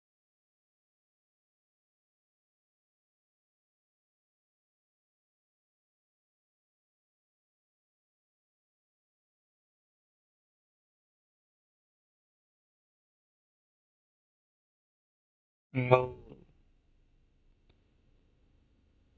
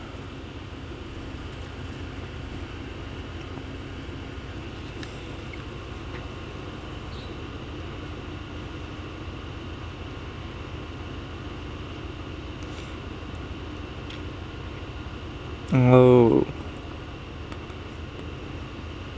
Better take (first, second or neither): second